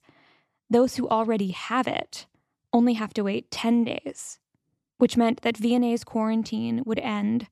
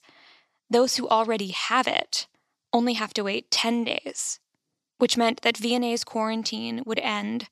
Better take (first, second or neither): first